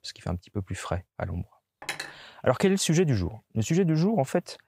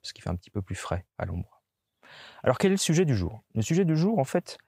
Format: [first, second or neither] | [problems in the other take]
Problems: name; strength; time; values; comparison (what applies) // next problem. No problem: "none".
second | clattering dishes; noticeable; at 2 s; peak 8 dB below the speech